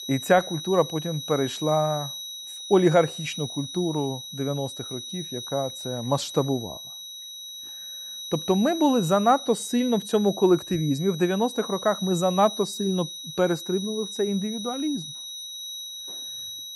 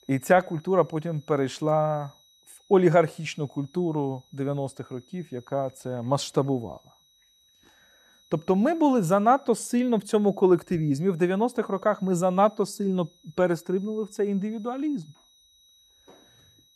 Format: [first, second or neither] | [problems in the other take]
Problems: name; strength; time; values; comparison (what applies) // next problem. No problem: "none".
second | high-pitched whine; loud; throughout; 4 kHz, 9 dB below the speech; faint in the second